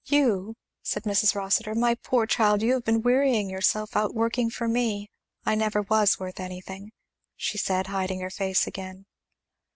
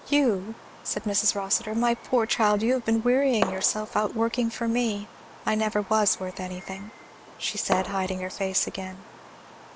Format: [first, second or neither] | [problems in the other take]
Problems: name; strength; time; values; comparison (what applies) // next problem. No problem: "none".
first | background sound (Fireworks); 13 dB below the speech